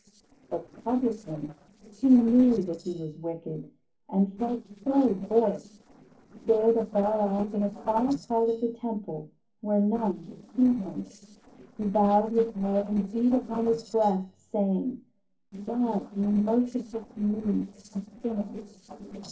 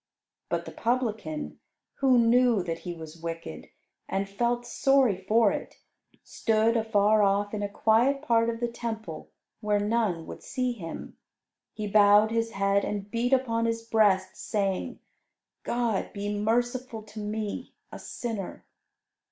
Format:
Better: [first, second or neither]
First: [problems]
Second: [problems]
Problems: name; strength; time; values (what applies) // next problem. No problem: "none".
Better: second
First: noise reduction (neural separator model SepFormer DNS4)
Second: none